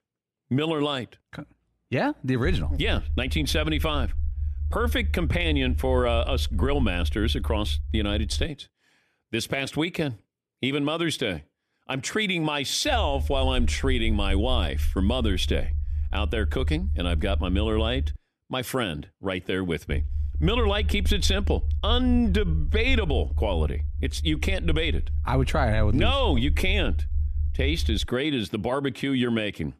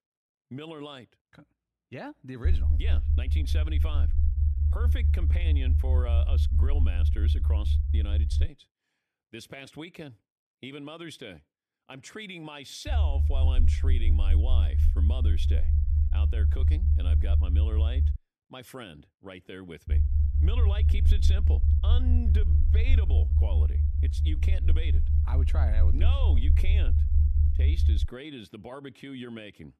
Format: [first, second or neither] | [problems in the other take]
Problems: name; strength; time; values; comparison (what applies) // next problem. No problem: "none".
first | low rumble; loud; from 2.5 to 8.5 s, from 13 to 18 s and from 20 to 28 s; 2 dB below the speech; faint in the first